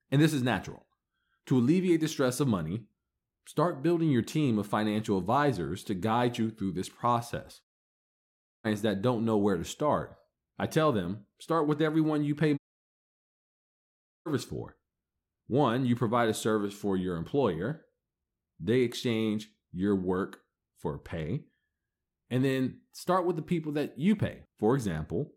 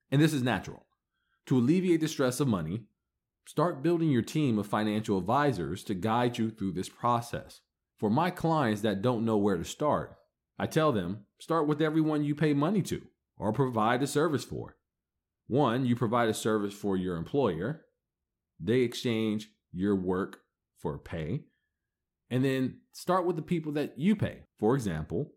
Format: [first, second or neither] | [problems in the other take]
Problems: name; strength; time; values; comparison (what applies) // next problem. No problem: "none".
second | audio cutting out; at 7.5 s for 1 s and at 13 s for 1.5 s